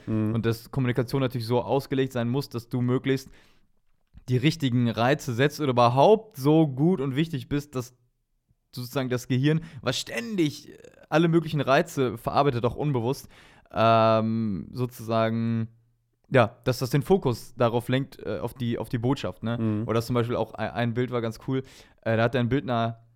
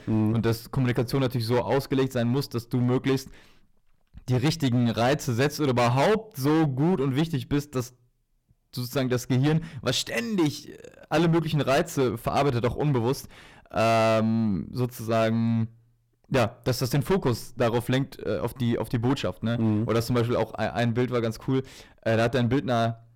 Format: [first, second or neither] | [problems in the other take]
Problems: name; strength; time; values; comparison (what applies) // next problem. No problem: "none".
first | distortion; heavy; 11% of the sound clipped